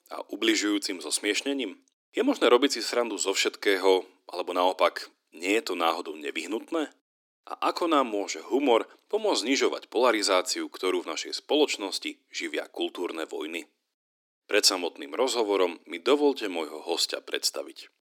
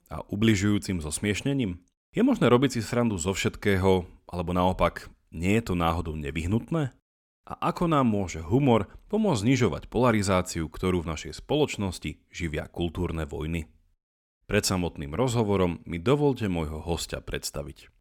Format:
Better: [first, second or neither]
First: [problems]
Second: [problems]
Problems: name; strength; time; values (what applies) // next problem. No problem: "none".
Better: second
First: thin; somewhat; fading below 300 Hz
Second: none